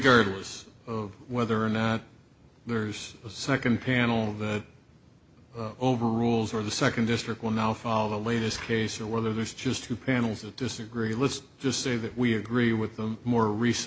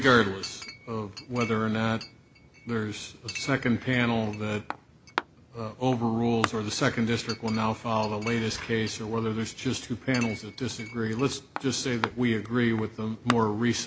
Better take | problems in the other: first | background sound (Chink, clink); 13 dB below the speech

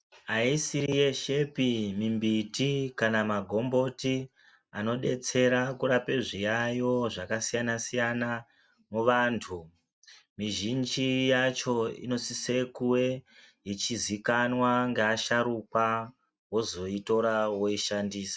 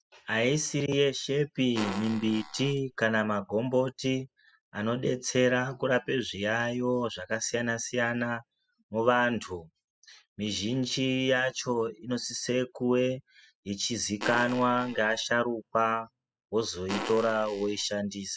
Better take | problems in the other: first | noise reduction (classical method spectral subtraction)

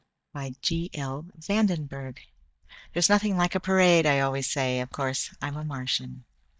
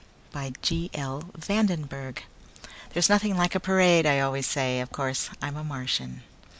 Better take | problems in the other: second | noise reduction (neural mask model DeepFilterNet 3)

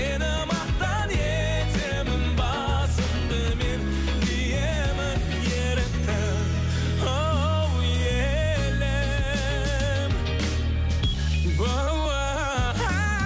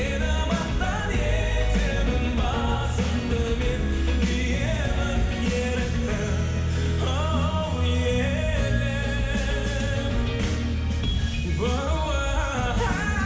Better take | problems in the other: first | room echo; dies away in 2.1 s

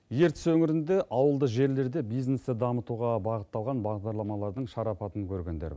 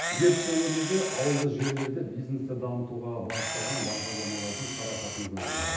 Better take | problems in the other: first | background sound (Camera); 5 dB below the speech // room echo; dies away in 0.9 s

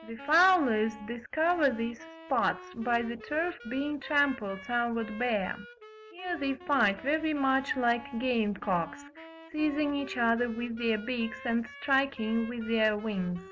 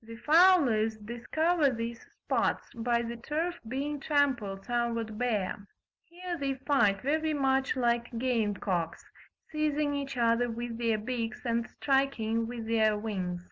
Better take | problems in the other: second | background sound (Wind instrument, woodwind instrument); 17 dB below the speech

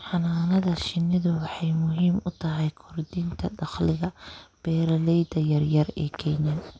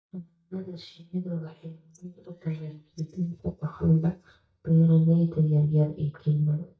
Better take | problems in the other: first | noise reduction (neural mask model DeepFilterNet 3)

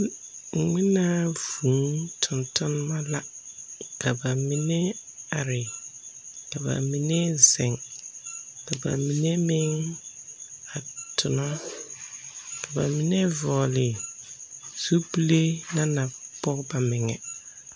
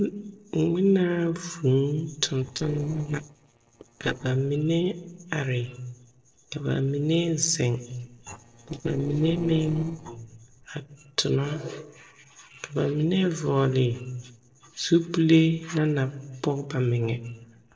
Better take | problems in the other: first | noise reduction (neural separator model SepFormer DNS4)

